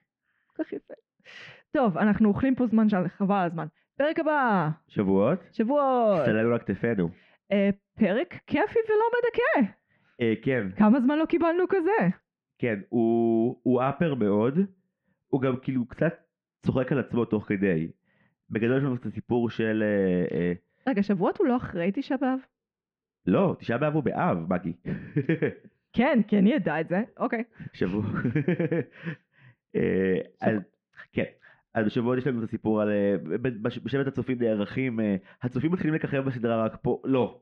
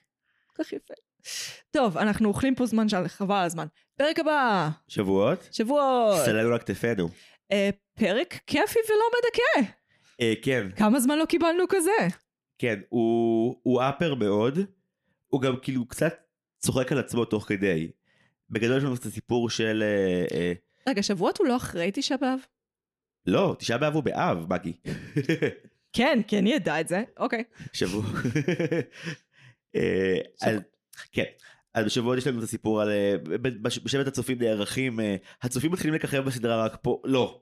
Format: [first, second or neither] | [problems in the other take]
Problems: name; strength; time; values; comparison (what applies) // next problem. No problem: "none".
second | muffled; very; fading above 2 kHz